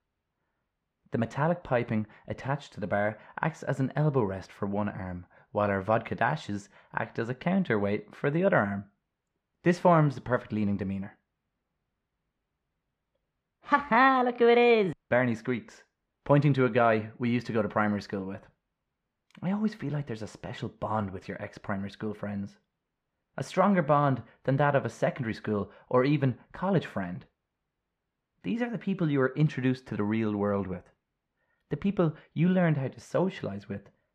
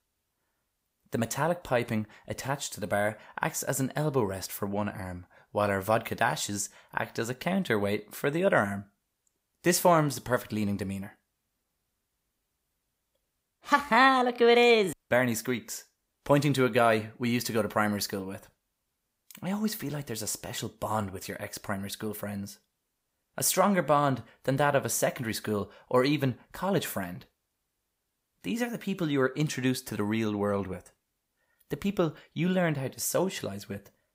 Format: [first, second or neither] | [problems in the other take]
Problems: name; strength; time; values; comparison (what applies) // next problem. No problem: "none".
second | muffled; very; fading above 2.5 kHz